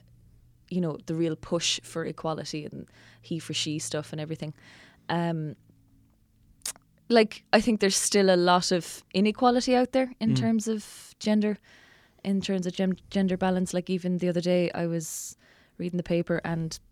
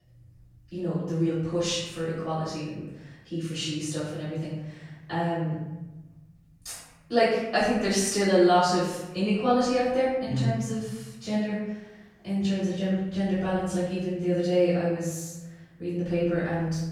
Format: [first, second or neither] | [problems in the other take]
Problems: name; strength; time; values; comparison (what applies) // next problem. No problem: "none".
first | off-mic speech; far // room echo; strong; dies away in 1.1 s